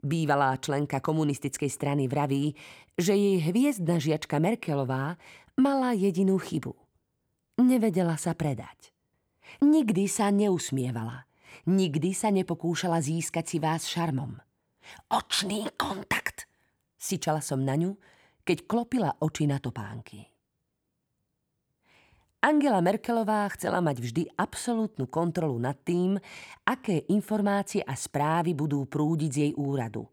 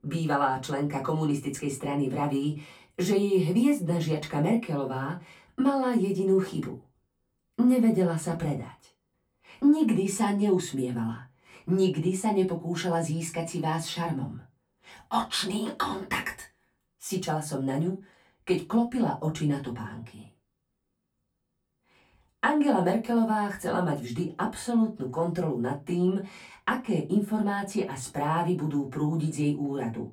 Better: first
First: none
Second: off-mic speech; far // room echo; very slight; dies away in 0.2 s

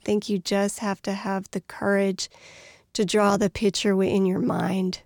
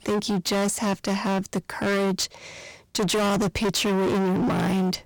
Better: first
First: none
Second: distortion; heavy; 32% of the sound clipped

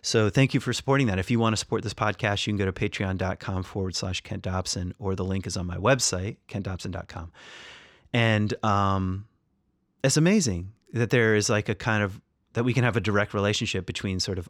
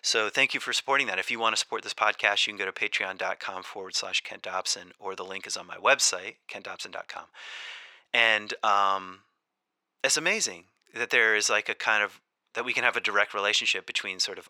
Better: first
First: none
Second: thin; very; fading below 750 Hz

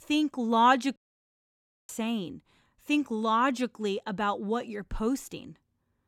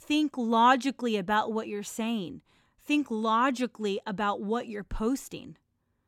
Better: second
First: audio cutting out; at 1 s for 1 s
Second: none

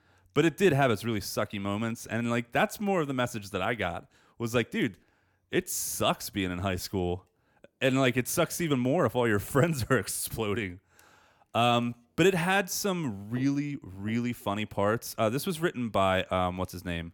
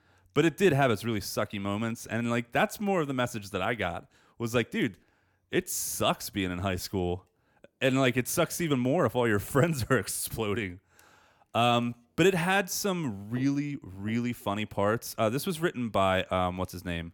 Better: neither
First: none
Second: none

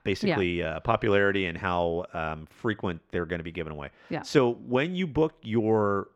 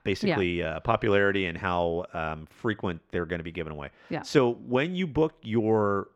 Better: neither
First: muffled; slightly; fading above 3.5 kHz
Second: muffled; slightly; fading above 3.5 kHz

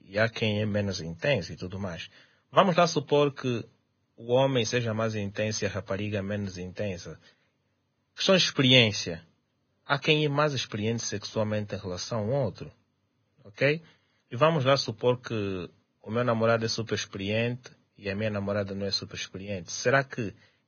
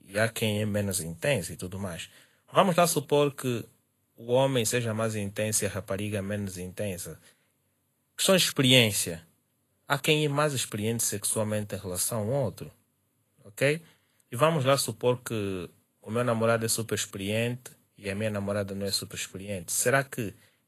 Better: second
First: garbled, watery; badly; nothing above 6.5 kHz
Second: garbled, watery; slightly; nothing above 12.5 kHz

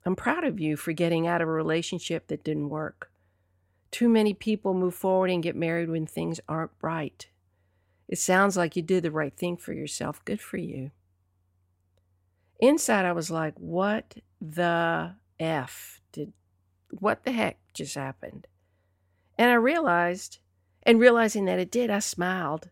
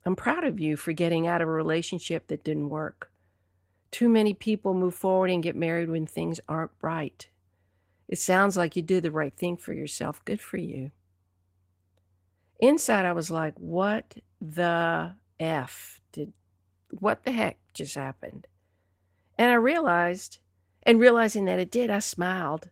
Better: first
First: none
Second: garbled, watery; slightly; nothing above 16 kHz

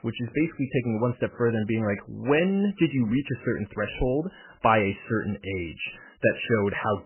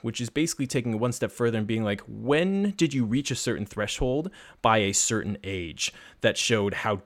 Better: second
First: garbled, watery; badly; nothing above 3 kHz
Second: none

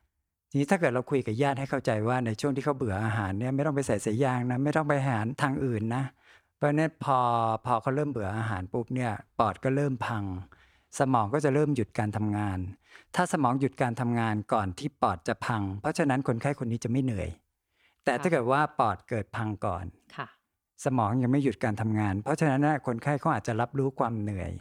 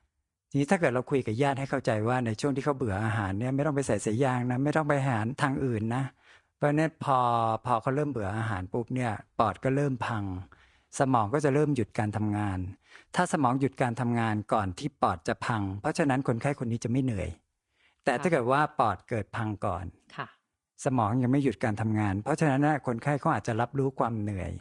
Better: first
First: none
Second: garbled, watery; slightly; nothing above 10 kHz

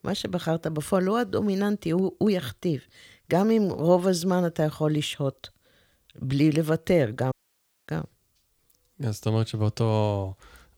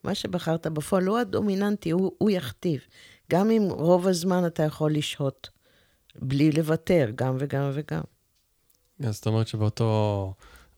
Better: second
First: audio cutting out; at 7.5 s for 0.5 s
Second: none

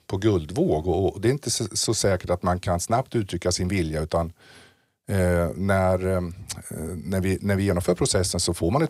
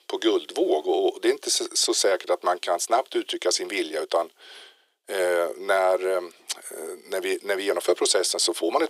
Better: first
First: none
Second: thin; very; fading below 350 Hz

